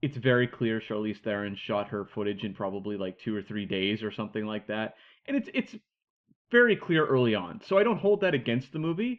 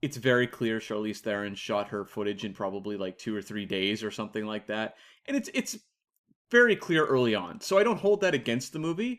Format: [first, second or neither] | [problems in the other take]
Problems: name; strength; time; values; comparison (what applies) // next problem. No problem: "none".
second | muffled; very; fading above 3 kHz